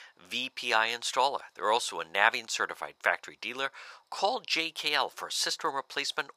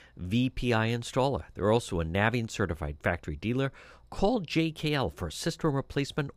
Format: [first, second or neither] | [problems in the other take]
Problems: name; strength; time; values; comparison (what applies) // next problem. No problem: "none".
second | thin; very; fading below 950 Hz